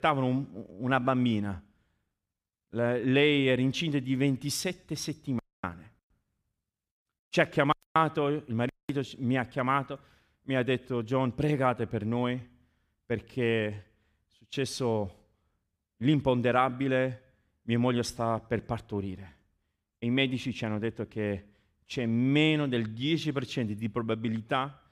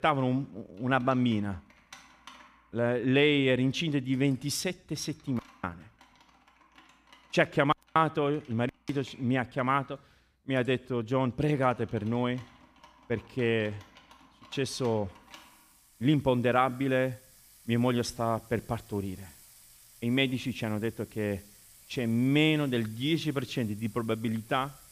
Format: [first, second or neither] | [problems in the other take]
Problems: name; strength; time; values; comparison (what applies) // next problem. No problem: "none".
first | household noises; faint; throughout; 25 dB below the speech